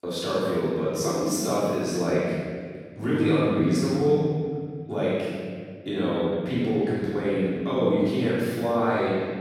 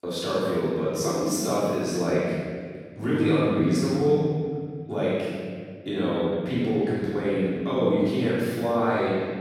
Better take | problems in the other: neither | room echo; strong; dies away in 2 s; the same in both // off-mic speech; far; the same in both

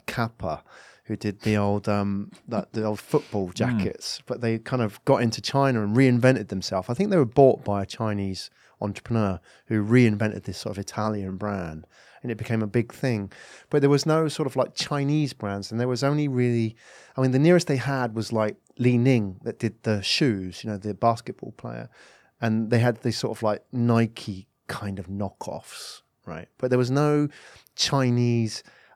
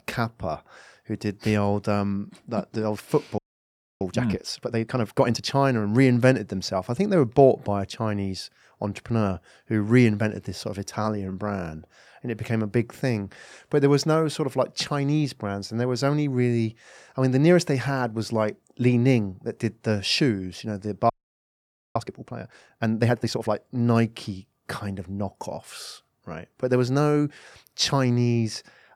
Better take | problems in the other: first | audio freezing; at 3.5 s for 0.5 s and at 21 s for 1 s

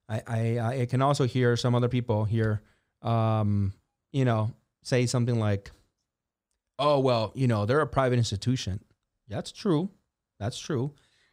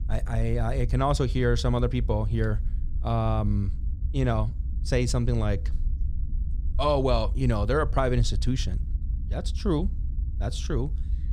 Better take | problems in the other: first | low rumble; faint; throughout; 20 dB below the speech

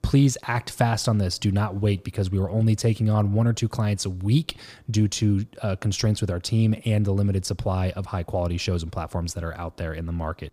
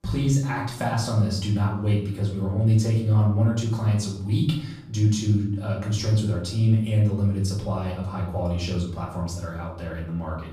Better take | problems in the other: first | off-mic speech; far // room echo; noticeable; dies away in 0.6 s

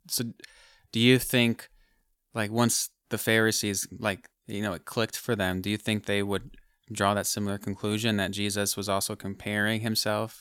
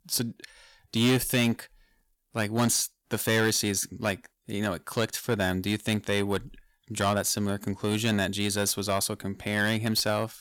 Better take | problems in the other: first | distortion; slight; 4% of the sound clipped

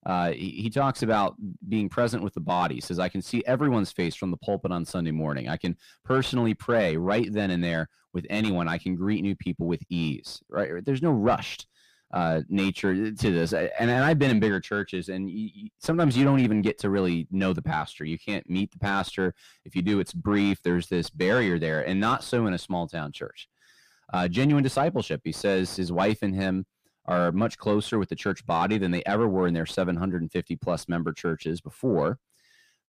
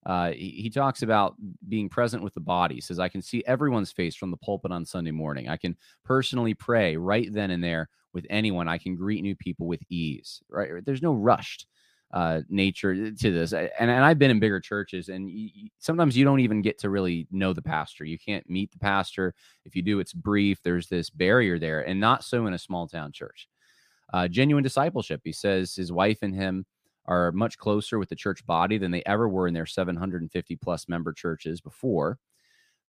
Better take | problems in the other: second | distortion; slight; 10 dB below the speech

